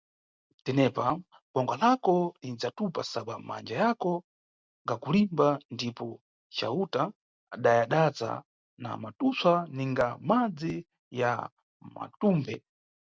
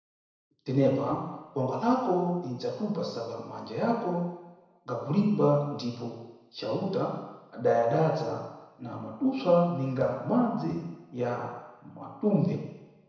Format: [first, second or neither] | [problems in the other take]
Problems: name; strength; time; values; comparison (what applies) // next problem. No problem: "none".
first | room echo; dies away in 1 s